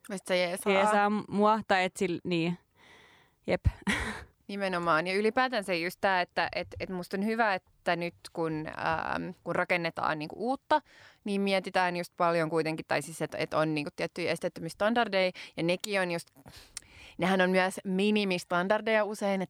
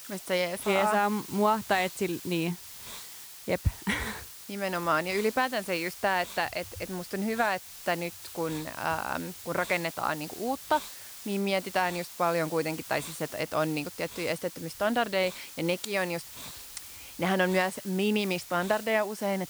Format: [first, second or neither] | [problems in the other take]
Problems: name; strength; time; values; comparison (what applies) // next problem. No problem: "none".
first | hiss; noticeable; throughout; 10 dB below the speech